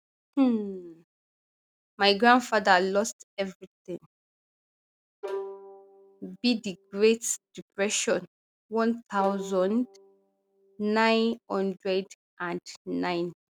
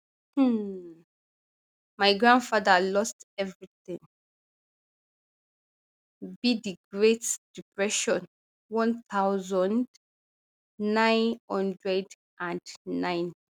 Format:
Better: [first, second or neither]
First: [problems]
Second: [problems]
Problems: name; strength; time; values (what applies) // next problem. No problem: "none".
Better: second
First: background sound (Bowed string instrument); 14 dB below the speech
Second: none